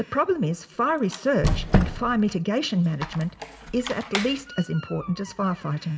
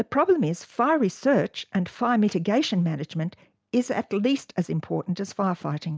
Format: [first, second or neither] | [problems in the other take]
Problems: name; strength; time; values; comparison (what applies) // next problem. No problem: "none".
second | background sound (Squeak); 5 dB below the speech // room echo; dies away in 0.7 s